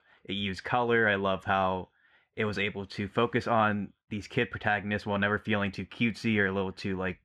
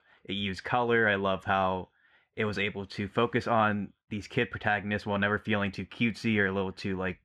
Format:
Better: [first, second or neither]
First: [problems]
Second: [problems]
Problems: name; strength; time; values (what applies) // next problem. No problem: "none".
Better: neither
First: muffled; slightly; fading above 2 kHz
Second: muffled; slightly; fading above 2 kHz